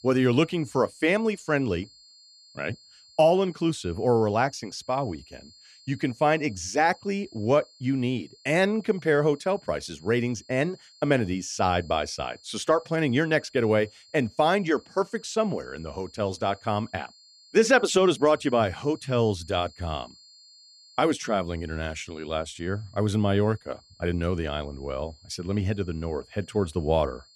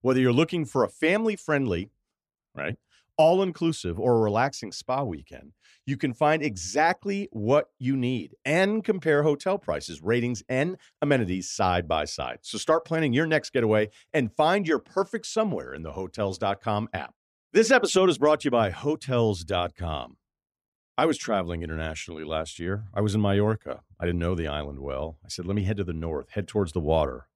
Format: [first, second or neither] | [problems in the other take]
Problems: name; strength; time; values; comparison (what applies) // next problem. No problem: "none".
second | high-pitched whine; faint; throughout; 4.5 kHz, 25 dB below the speech